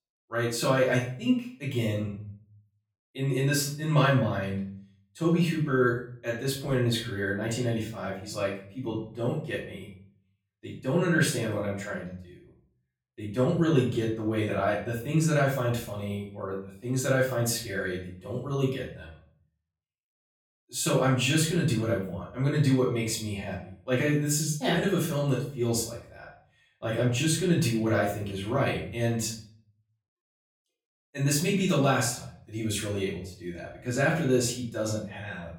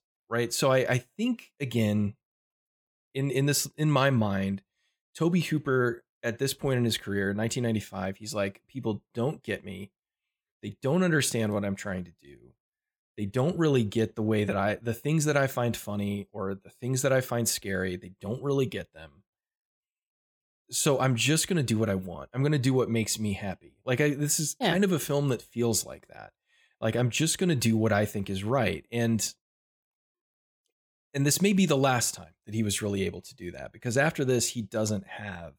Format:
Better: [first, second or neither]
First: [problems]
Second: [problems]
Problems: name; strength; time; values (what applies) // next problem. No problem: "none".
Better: second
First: off-mic speech; far // room echo; slight; dies away in 0.4 s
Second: none